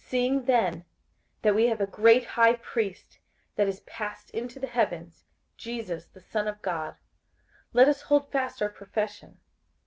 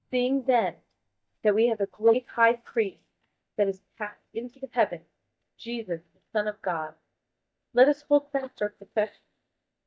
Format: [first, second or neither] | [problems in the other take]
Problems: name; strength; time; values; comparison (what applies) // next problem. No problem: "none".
first | noise reduction (neural mask model DeepFilterNet 3)